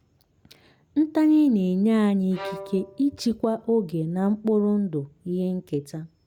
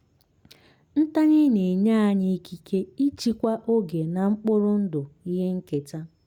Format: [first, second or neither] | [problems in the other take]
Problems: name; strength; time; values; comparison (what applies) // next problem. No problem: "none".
second | background sound (Bowed string instrument); 17 dB below the speech